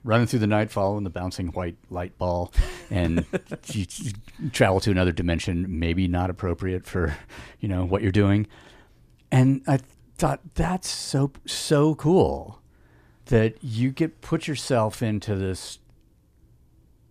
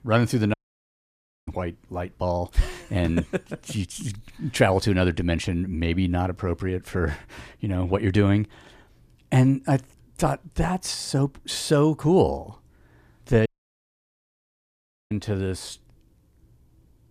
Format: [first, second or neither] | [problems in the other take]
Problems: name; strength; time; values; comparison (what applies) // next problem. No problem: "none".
first | audio cutting out; at 0.5 s for 1 s and at 13 s for 1.5 s